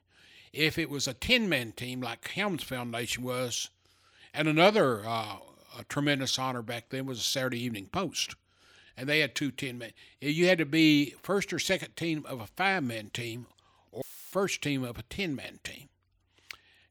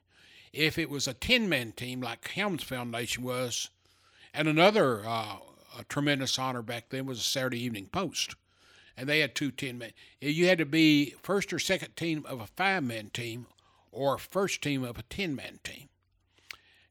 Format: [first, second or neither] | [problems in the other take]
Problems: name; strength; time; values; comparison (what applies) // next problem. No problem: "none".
second | audio cutting out; filled with static; at 14 s